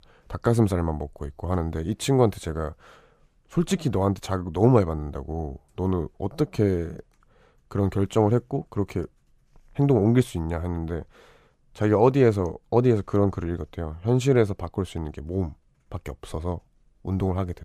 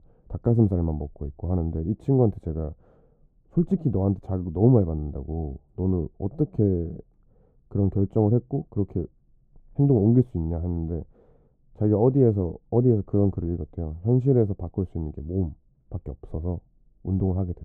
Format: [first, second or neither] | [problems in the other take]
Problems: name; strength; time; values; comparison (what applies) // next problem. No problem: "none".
first | muffled; very; fading above 1 kHz